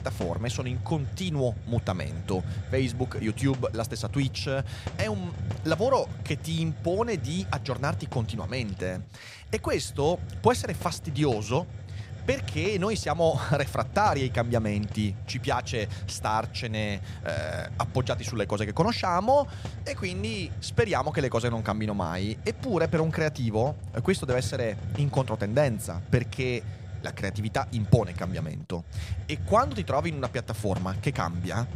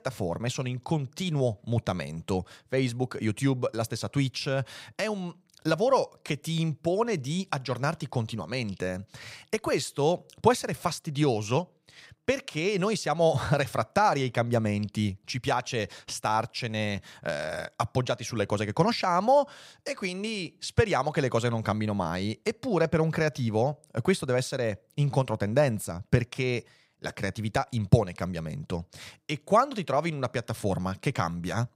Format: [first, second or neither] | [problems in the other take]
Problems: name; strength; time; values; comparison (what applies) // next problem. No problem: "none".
second | hiss; loud; throughout; 8 dB below the speech